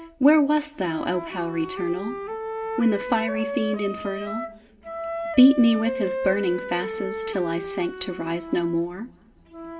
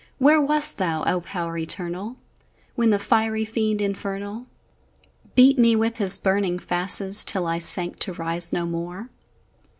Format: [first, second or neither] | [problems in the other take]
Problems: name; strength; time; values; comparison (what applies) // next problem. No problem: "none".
second | background sound (Wind instrument, woodwind instrument); 8 dB below the speech // room echo; dies away in 2.1 s